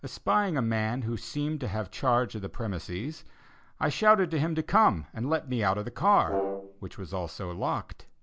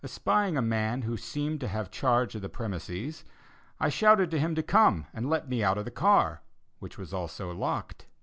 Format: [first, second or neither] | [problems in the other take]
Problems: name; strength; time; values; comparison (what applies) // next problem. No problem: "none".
second | background sound (Brass instrument); 6 dB below the speech